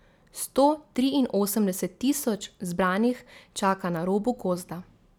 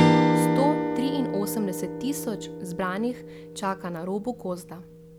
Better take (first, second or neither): first